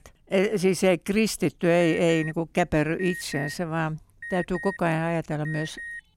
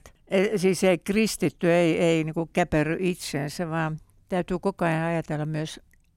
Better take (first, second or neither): second